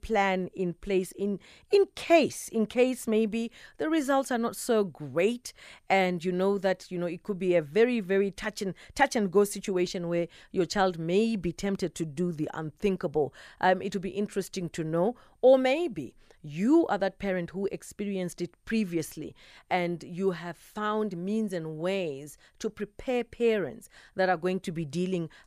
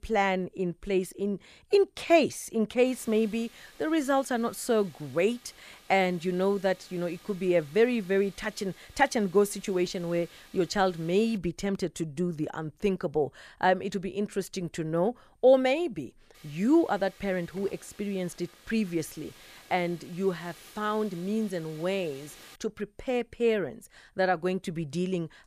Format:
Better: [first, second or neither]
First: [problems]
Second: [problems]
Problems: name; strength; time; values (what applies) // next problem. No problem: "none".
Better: first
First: none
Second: hiss; faint; from 3 to 11 s and from 16 to 23 s; 25 dB below the speech